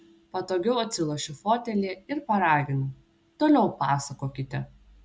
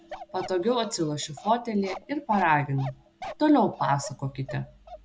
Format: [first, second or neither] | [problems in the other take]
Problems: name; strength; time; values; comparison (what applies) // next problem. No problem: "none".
first | background sound (Bark); 15 dB below the speech